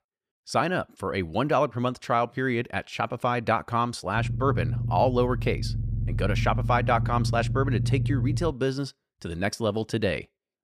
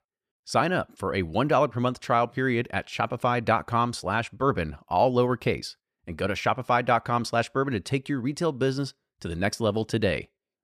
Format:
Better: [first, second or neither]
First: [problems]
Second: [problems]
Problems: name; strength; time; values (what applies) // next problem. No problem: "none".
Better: second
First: low rumble; noticeable; from 4 to 8.5 s; 15 dB below the speech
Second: none